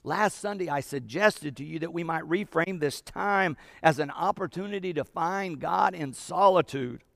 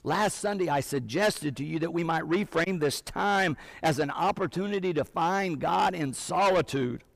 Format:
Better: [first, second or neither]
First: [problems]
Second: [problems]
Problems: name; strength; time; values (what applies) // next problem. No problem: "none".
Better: first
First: none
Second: distortion; heavy; 6 dB below the speech